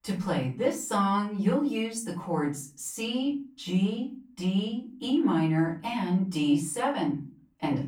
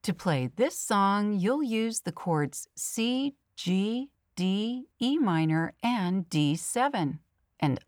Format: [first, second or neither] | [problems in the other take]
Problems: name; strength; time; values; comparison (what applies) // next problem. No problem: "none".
second | off-mic speech; far // room echo; slight; dies away in 0.3 s